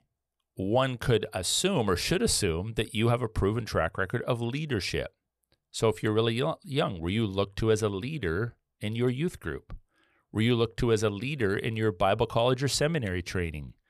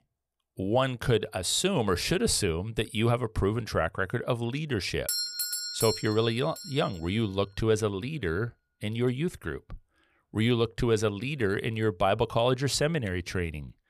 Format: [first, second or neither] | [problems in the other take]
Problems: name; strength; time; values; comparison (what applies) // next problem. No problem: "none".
first | doorbell; loud; from 5 to 6.5 s; peak level with the speech